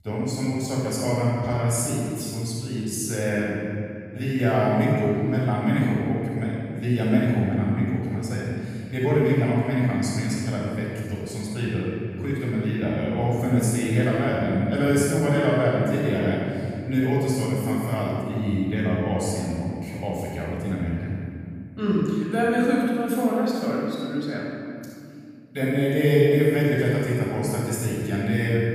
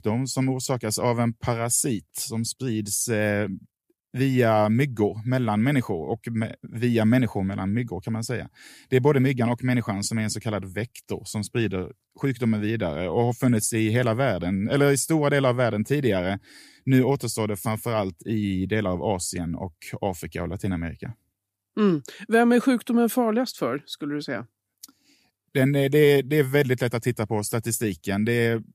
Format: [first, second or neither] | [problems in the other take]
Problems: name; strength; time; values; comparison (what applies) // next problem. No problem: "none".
second | room echo; strong; dies away in 2.6 s // off-mic speech; far